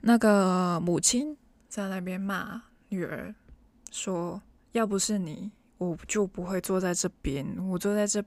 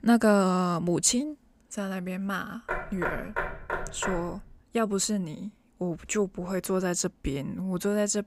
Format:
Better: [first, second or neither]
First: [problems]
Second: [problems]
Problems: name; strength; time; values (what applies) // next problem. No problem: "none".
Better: first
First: none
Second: door banging; noticeable; from 2.5 to 4.5 s; peak 3 dB below the speech